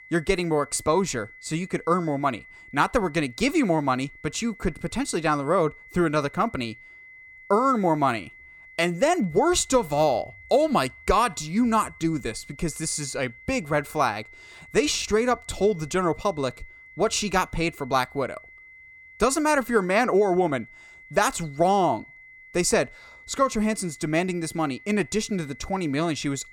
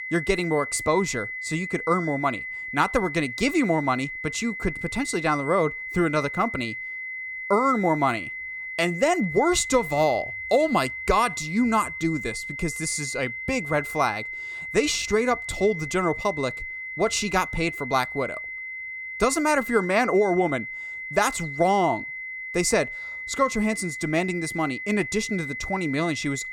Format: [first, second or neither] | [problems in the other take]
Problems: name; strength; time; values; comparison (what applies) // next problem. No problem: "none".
first | high-pitched whine; loud; throughout; 2 kHz, 7 dB below the speech; faint in the first